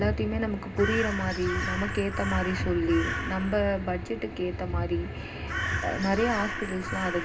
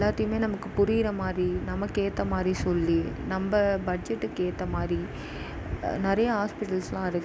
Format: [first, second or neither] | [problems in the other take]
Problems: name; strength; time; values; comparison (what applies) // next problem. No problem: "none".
second | background sound (Crow); 8 dB below the speech // room echo; dies away in 0.2 s